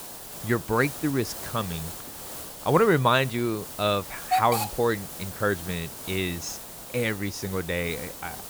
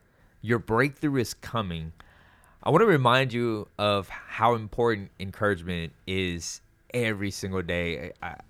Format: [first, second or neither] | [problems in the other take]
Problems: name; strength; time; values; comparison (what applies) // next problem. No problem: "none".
second | hiss; loud; throughout; 8 dB below the speech